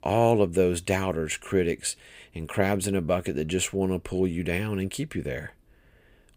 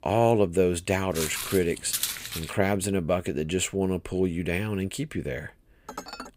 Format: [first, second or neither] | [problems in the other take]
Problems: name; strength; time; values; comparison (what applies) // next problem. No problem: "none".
first | footsteps; noticeable; from 1 to 2.5 s; peak 1 dB below the speech // clattering dishes; faint; at 6 s; peak 10 dB below the speech